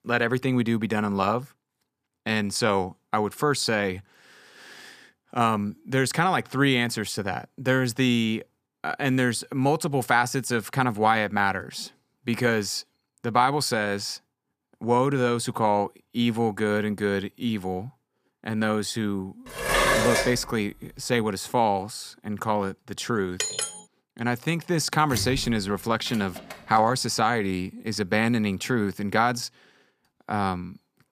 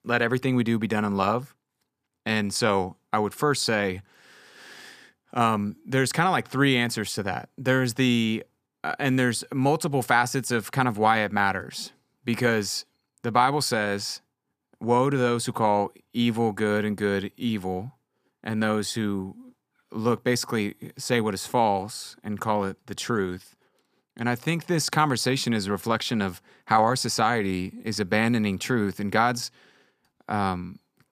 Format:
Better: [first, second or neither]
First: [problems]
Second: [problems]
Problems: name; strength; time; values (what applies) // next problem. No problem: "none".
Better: second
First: clattering dishes; loud; at 20 s; peak 5 dB above the speech // clattering dishes; noticeable; at 23 s; peak 2 dB below the speech // door banging; noticeable; from 25 to 27 s; peak 7 dB below the speech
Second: none